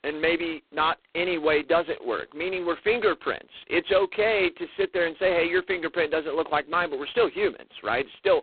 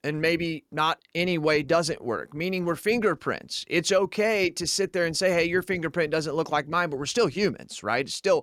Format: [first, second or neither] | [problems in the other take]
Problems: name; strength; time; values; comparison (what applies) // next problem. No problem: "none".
second | phone-call audio; poor line; nothing above 4 kHz